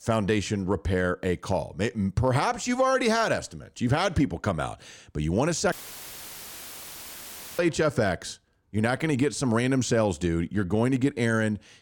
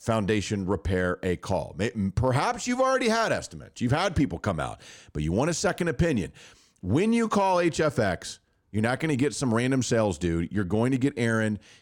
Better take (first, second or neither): second